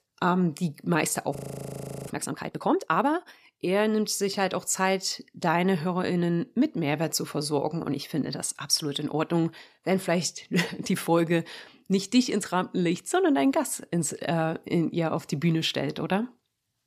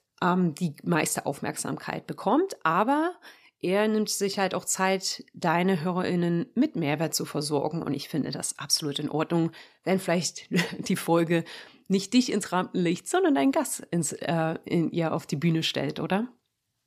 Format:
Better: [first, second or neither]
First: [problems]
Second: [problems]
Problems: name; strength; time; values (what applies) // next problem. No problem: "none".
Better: second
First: audio freezing; at 1.5 s for 0.5 s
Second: none